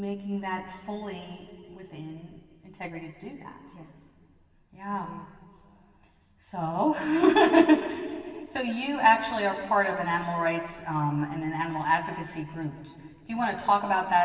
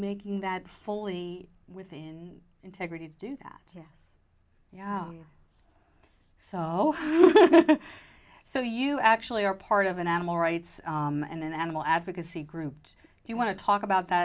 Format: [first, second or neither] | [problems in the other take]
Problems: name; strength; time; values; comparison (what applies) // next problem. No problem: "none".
second | room echo; dies away in 2.6 s